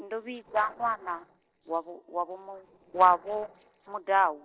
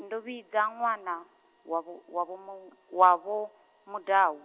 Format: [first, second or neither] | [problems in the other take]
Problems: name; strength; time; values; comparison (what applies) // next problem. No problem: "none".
second | noise reduction (neural separator model SepFormer DNS4)